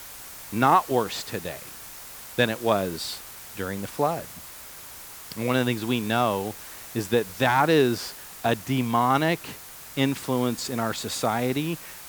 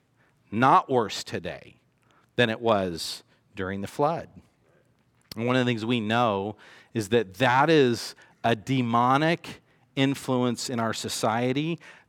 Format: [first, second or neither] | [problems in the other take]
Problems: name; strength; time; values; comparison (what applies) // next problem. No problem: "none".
second | hiss; noticeable; throughout; 15 dB below the speech